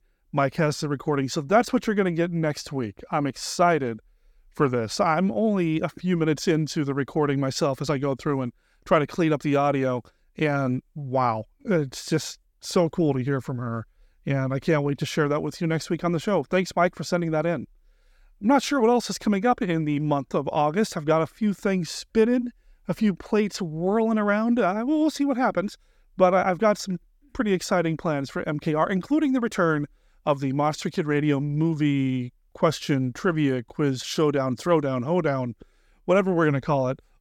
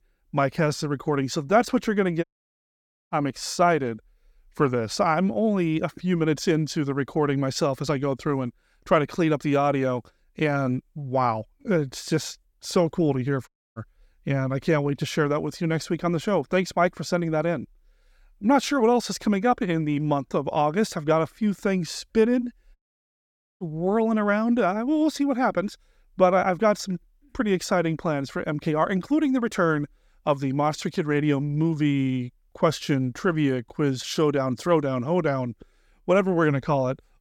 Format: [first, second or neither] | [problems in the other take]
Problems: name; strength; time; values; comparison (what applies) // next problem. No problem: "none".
first | audio cutting out; at 2 s for 1 s, at 13 s and at 23 s for 1 s